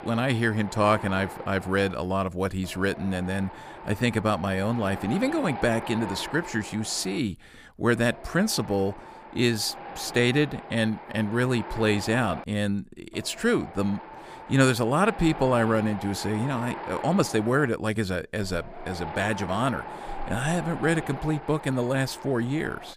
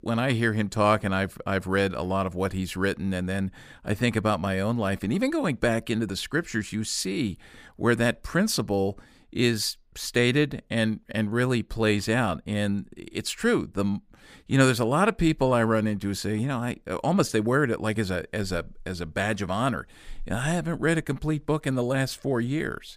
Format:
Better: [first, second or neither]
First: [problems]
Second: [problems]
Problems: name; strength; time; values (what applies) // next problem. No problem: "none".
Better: second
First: wind noise on the microphone; occasional gusts; 10 dB below the speech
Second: none